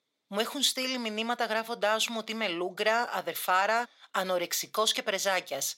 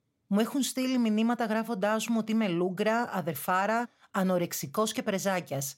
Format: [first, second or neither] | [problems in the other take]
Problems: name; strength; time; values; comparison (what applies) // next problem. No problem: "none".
second | thin; somewhat; fading below 450 Hz